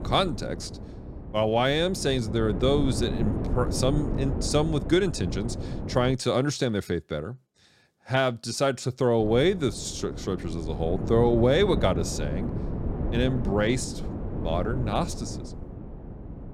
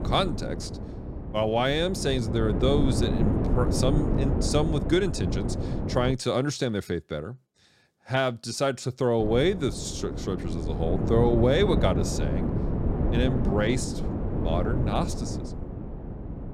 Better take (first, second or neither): first